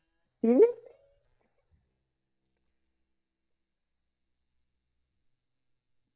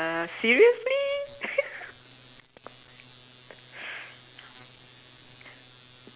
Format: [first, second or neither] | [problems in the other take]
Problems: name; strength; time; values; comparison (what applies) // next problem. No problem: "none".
second | noise reduction (neural mask model DeepFilterNet 3)